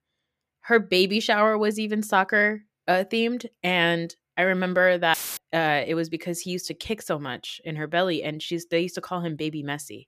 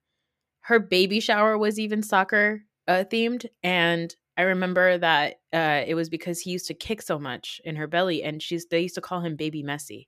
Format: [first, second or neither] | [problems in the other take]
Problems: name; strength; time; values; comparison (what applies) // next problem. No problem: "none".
second | audio cutting out; filled with static; at 5 s